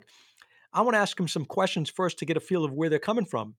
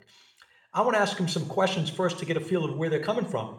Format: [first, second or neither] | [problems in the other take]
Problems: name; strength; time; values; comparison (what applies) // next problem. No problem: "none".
first | room echo; slight; dies away in 0.7 s